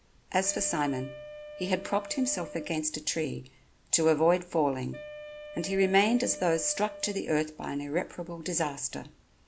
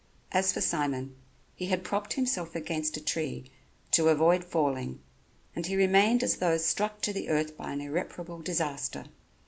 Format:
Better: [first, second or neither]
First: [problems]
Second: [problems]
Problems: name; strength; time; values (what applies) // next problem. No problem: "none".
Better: second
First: background sound (Wind instrument, woodwind instrument); 15 dB below the speech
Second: none